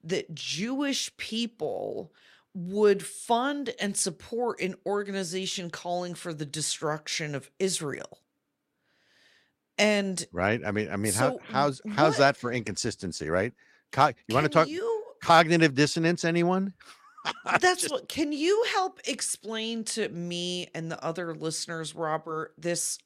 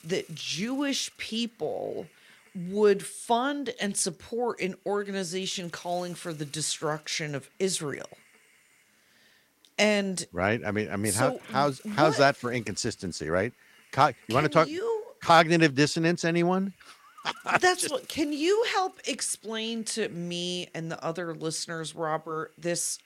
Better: first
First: none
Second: hiss; faint; throughout; 30 dB below the speech

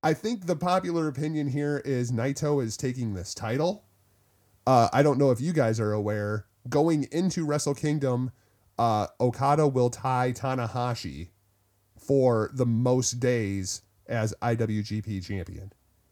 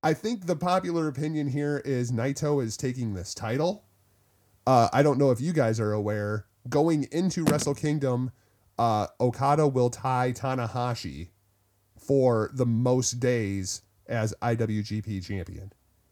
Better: first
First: none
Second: phone ringing; noticeable; at 7.5 s; peak 3 dB below the speech

